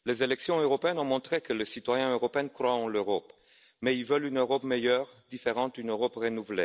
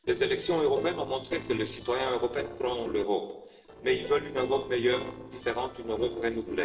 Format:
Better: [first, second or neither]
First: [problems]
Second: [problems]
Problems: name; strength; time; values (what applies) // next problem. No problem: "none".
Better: first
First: none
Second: noise reduction (neural separator model SepFormer DNS4)